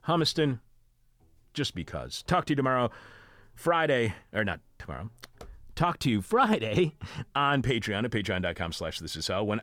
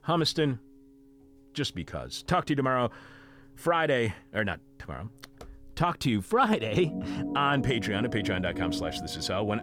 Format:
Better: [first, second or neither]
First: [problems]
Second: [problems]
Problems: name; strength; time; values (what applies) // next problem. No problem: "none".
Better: first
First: none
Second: background music; loud; throughout; 8 dB below the speech